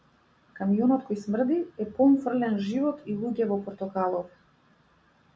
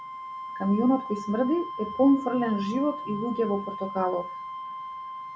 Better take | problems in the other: first | background sound (Wind instrument, woodwind instrument); 9 dB below the speech

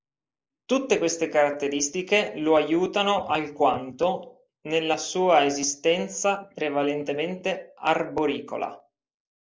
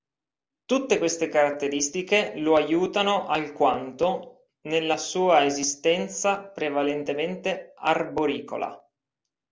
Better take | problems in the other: second | noise reduction (neural mask model Resemble Enhance denoiser)

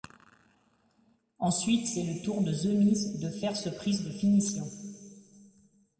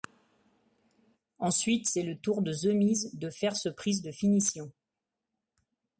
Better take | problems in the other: second | room echo; dies away in 2.1 s

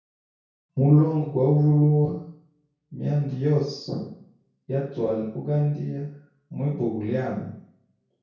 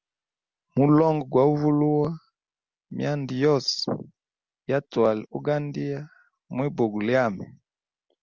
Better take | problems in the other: second | room echo; dies away in 0.6 s

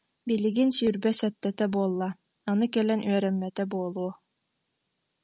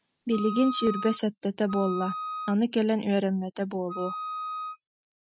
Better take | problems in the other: first | noise reduction (classical method Wiener filter)

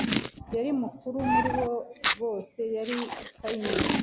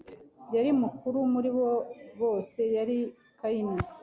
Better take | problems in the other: second | background sound (Packing tape, duct tape + Bird); 1 dB above the speech

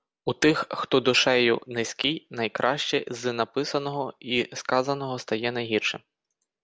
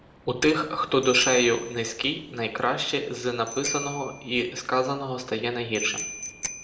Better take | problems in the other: first | background sound (Bicycle bell); 12 dB below the speech // room echo; dies away in 0.7 s

